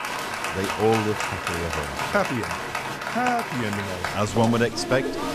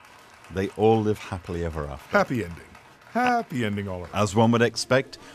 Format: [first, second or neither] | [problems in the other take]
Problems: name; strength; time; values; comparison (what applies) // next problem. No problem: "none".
second | crowd noise; loud; throughout; 3 dB below the speech; faint in the second